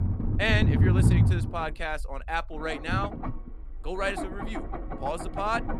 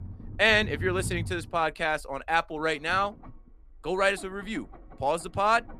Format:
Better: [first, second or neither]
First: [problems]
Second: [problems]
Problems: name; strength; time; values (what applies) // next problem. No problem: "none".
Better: second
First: low rumble; loud; throughout; 6 dB below the speech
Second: low rumble; faint; throughout; 25 dB below the speech